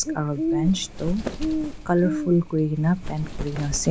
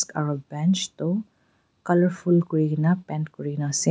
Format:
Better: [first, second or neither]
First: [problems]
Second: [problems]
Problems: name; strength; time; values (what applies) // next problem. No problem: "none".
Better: second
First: background sound (Bird + Wind); 5 dB below the speech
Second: none